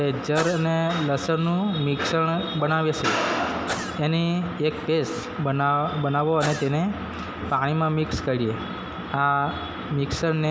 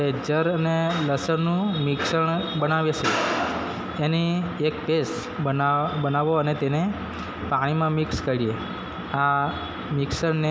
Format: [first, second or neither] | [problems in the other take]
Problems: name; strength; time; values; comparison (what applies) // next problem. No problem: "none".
second | background sound (Sneeze / Cough); 14 dB below the speech